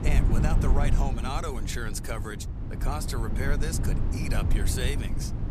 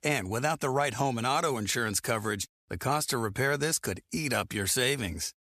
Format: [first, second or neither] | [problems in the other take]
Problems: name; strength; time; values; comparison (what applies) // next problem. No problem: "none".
second | low rumble; loud; throughout; 6 dB below the speech